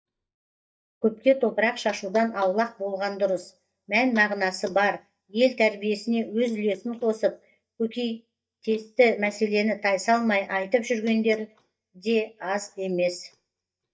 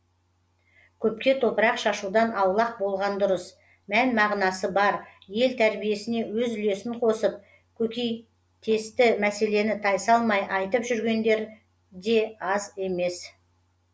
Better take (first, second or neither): second